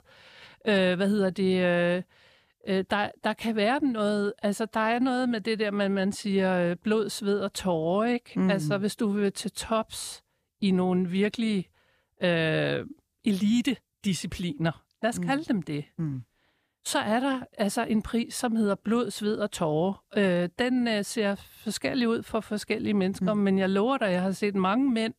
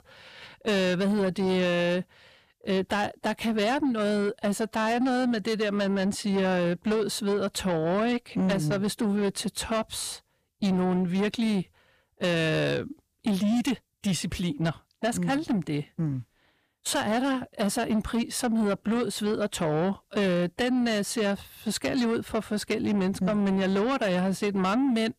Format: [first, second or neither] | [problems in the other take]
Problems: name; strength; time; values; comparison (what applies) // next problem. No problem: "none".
first | distortion; slight; 10 dB below the speech